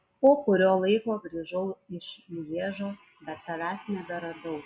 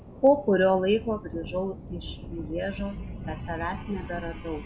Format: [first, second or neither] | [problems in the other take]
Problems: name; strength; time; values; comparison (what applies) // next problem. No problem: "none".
first | background sound (Thunder / Rain); 11 dB below the speech